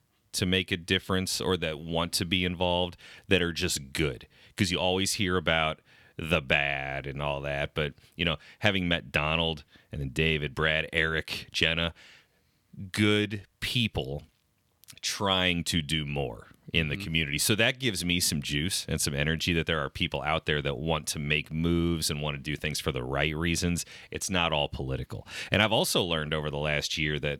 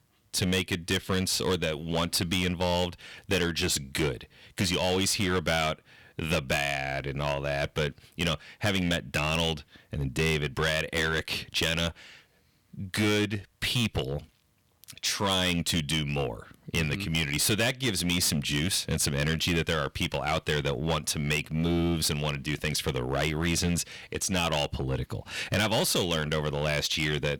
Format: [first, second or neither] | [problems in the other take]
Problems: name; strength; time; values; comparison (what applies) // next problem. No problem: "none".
first | distortion; heavy; 9% of the sound clipped